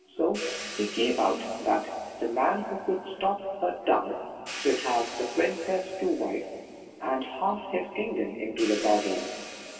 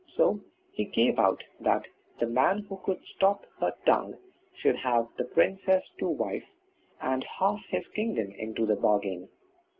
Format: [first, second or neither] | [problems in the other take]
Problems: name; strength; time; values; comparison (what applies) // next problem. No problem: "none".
second | background sound (Hi-hat); 14 dB below the speech // room echo; dies away in 2.5 s